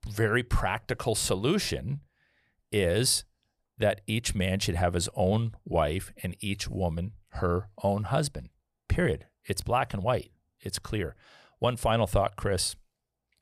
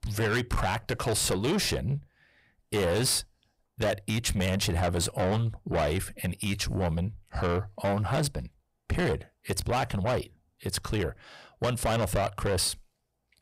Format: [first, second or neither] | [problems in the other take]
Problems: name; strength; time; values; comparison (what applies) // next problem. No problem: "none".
first | distortion; heavy; 7 dB below the speech